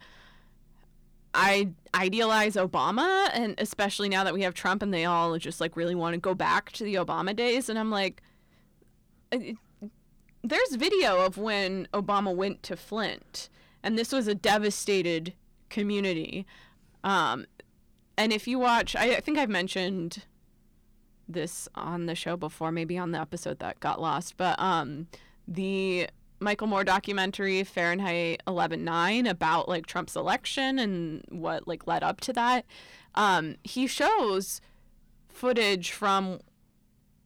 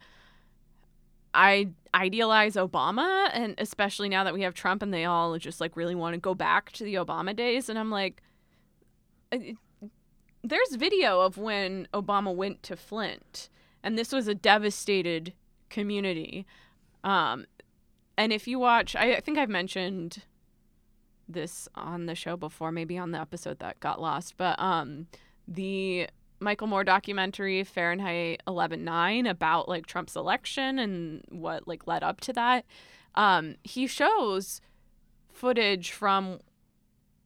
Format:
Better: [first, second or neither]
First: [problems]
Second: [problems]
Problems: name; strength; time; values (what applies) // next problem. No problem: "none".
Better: second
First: distortion; slight; 10 dB below the speech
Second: none